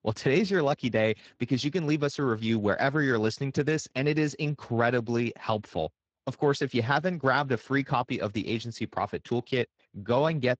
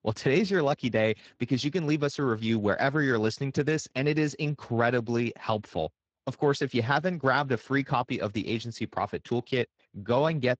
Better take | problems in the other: neither | garbled, watery; slightly; nothing above 7.5 kHz; the same in both

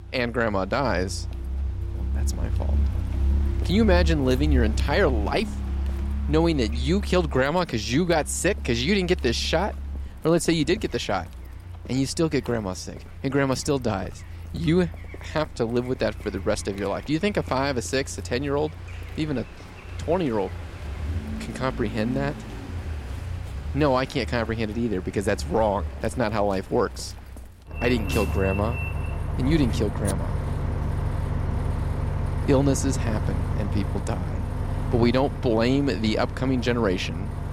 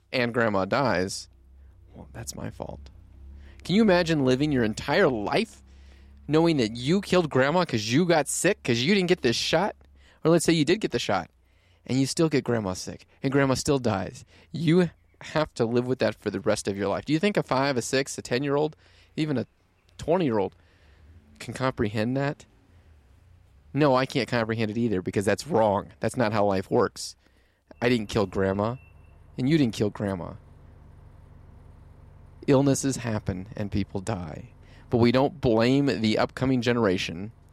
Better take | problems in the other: second | traffic noise; loud; throughout; 6 dB below the speech; faint in the second

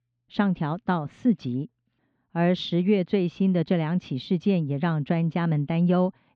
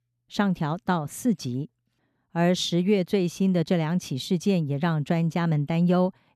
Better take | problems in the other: second | muffled; slightly; fading above 3.5 kHz

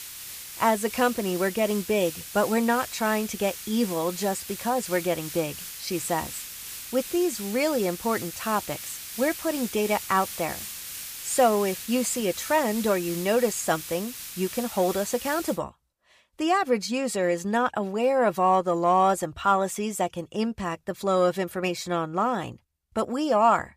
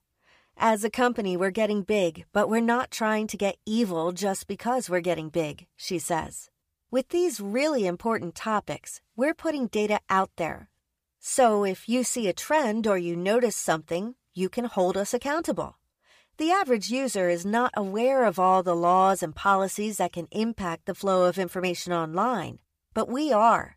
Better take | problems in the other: second | hiss; loud; until 16 s; 10 dB below the speech

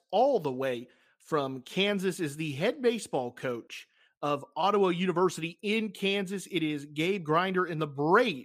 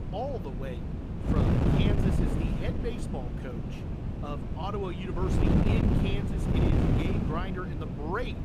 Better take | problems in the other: first | wind noise on the microphone; heavy; 2 dB above the speech

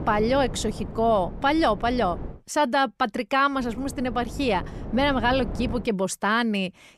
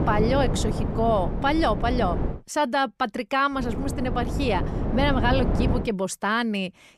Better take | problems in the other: first | wind noise on the microphone; heavy; until 2.5 s and from 3.5 to 6 s; 9 dB below the speech; occasional gusts in the first

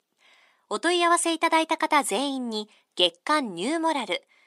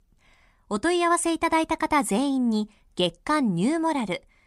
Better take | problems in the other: second | thin; somewhat; fading below 350 Hz

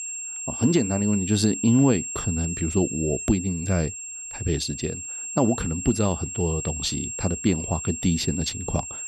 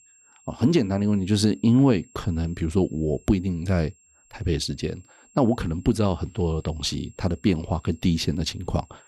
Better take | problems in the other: second | high-pitched whine; loud; throughout; 7.5 kHz, 6 dB below the speech; faint in the second

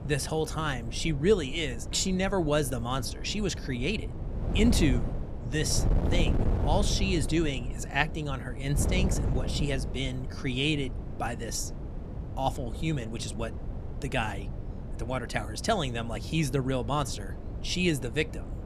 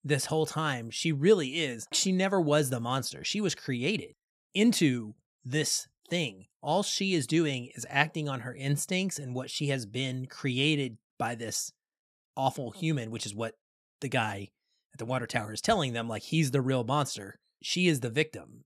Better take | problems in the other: second | wind noise on the microphone; occasional gusts; 10 dB below the speech

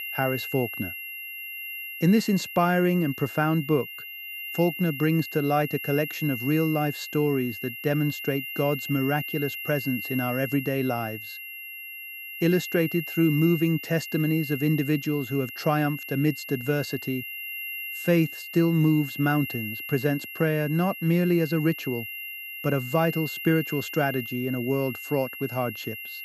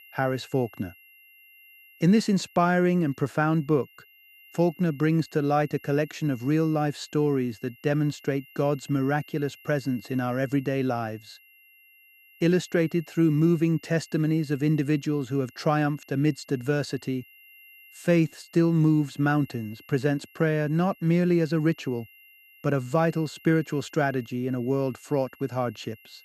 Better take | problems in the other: second | high-pitched whine; loud; throughout; 3 kHz, 8 dB below the speech; faint in the second

